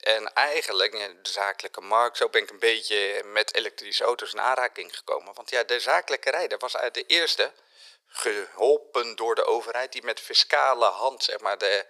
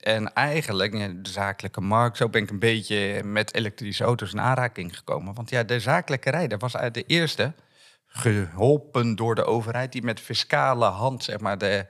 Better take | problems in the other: second | thin; very; fading below 400 Hz

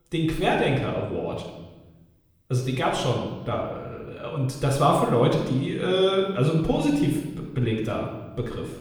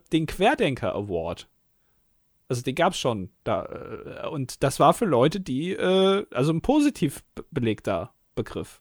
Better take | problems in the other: second | off-mic speech; somewhat distant // room echo; noticeable; dies away in 1 s

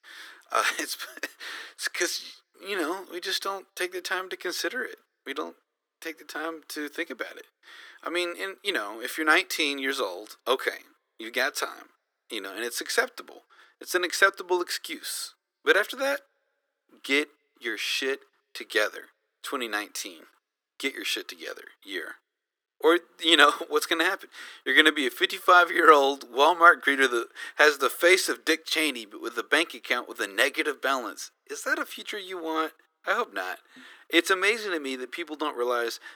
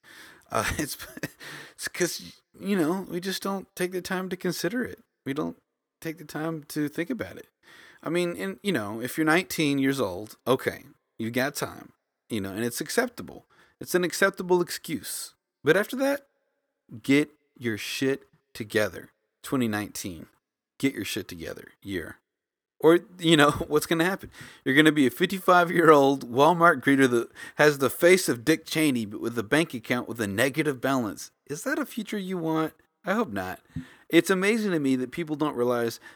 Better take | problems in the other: second | thin; somewhat; fading below 350 Hz

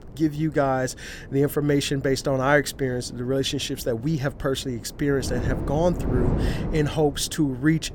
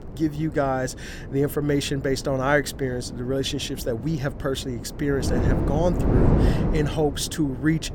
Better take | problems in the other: first | wind noise on the microphone; heavy; 7 dB below the speech; occasional gusts in the first

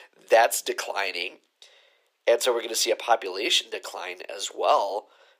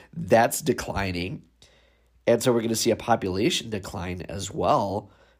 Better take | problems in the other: second | thin; very; fading below 400 Hz

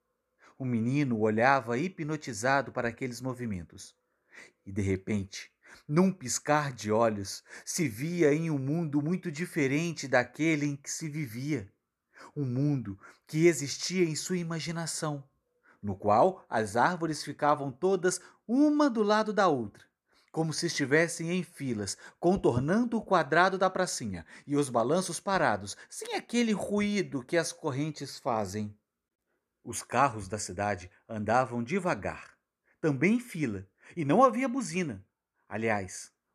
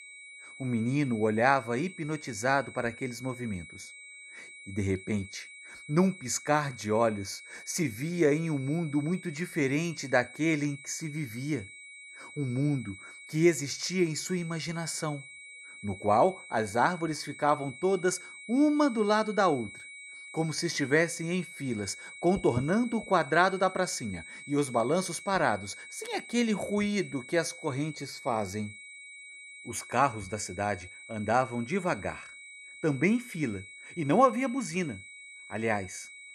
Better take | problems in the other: first | high-pitched whine; noticeable; throughout; 2.5 kHz, 15 dB below the speech

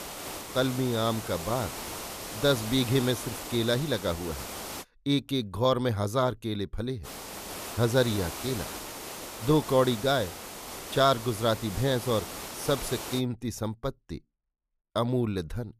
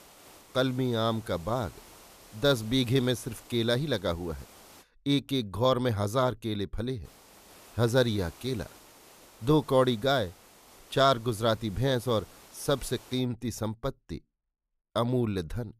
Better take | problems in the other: second | hiss; loud; until 5 s and from 7 to 13 s; 9 dB below the speech; faint in the second

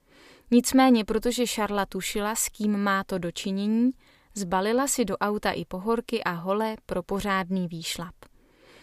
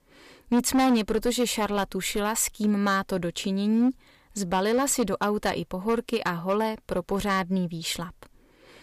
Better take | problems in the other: first | distortion; slight; 5% of the sound clipped

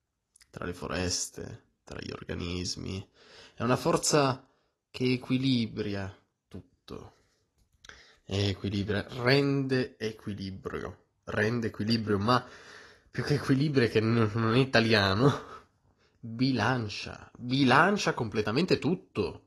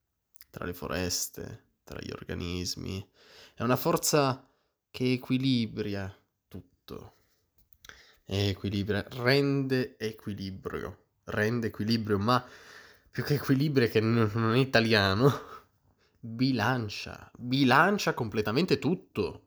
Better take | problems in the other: second | garbled, watery; slightly; nothing above 12 kHz

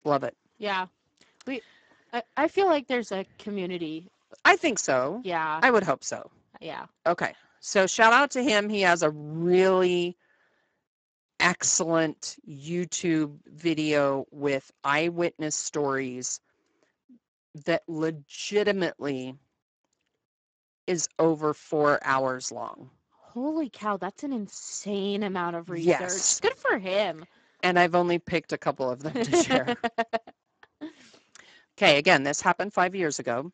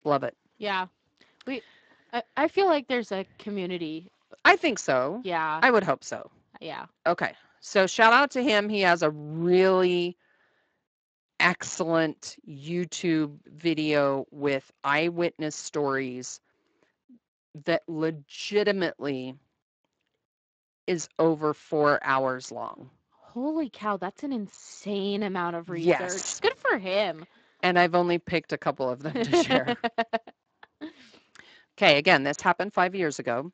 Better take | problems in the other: second | garbled, watery; badly; nothing above 7.5 kHz; slightly in the second

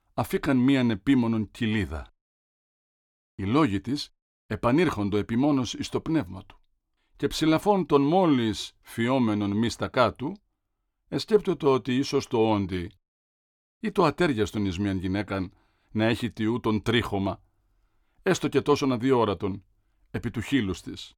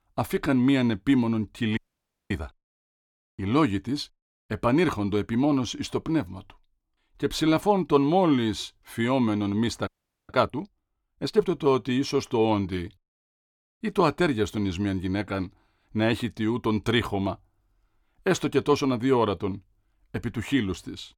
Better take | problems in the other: first | audio freezing; at 2 s for 0.5 s and at 10 s

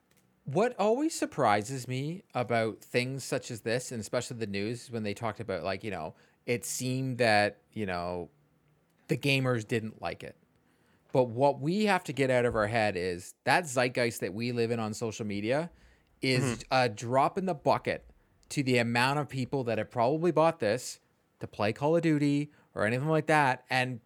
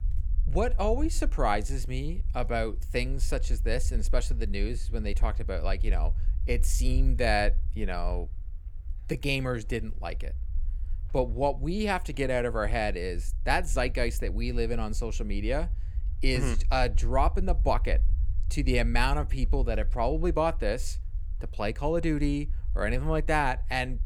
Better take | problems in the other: first | low rumble; faint; throughout; 25 dB below the speech

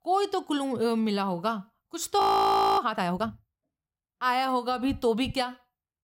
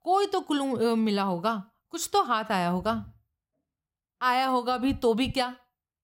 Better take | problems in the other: second | audio freezing; at 2 s for 0.5 s

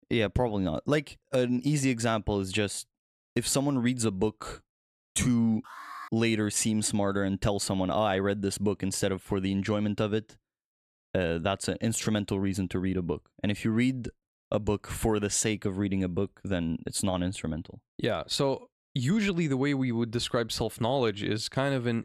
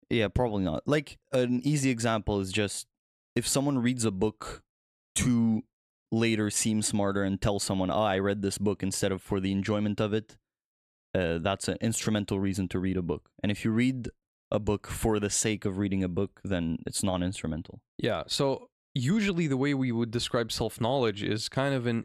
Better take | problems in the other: second | alarm; faint; at 5.5 s; peak 15 dB below the speech

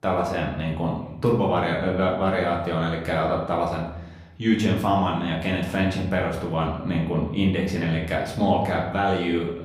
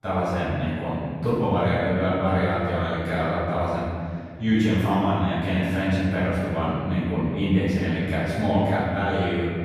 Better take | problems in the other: first | room echo; strong; dies away in 2.1 s; slight in the first // off-mic speech; far; far in the first

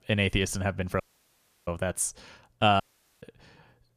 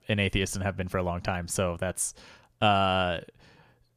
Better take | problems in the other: second | audio cutting out; at 1 s for 0.5 s and at 3 s

